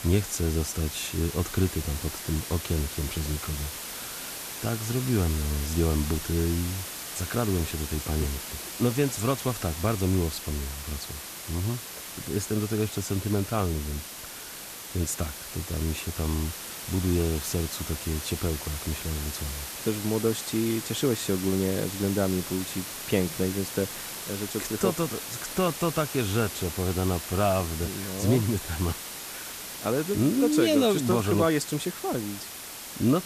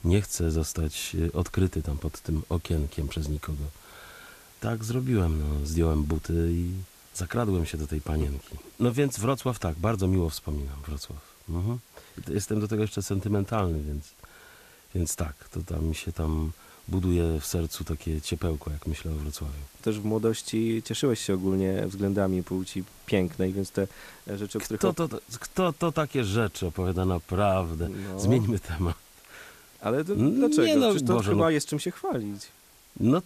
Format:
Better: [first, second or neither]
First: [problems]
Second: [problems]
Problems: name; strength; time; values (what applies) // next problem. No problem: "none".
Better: second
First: hiss; loud; throughout; 7 dB below the speech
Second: hiss; faint; throughout; 25 dB below the speech